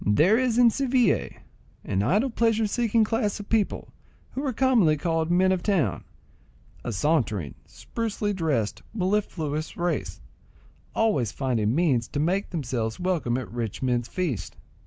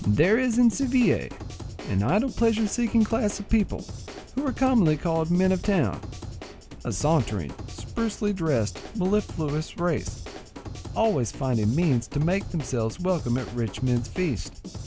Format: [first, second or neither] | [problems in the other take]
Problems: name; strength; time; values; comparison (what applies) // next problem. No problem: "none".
first | background sound (Drum / Drum kit); 13 dB below the speech